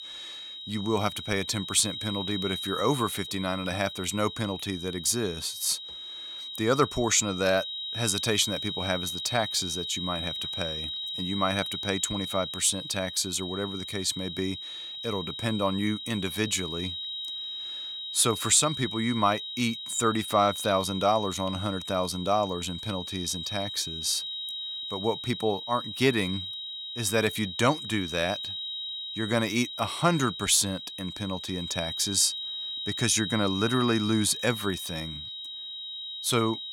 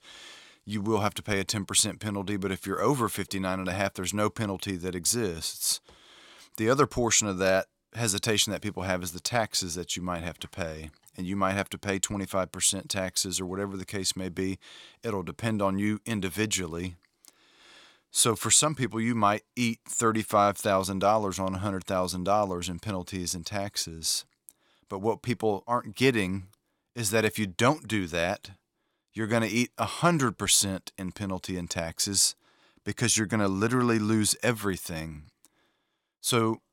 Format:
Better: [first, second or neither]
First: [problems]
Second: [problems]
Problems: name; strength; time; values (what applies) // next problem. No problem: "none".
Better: second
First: high-pitched whine; loud; throughout; 4 kHz, 6 dB below the speech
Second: none